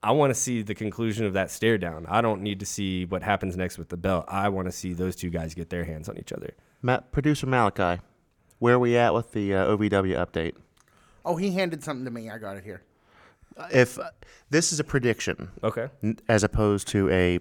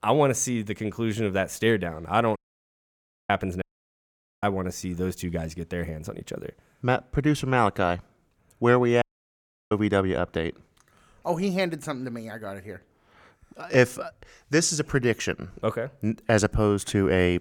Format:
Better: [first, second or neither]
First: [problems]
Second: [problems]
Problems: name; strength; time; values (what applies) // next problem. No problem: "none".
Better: first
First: none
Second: audio cutting out; at 2.5 s for 1 s, at 3.5 s for 1 s and at 9 s for 0.5 s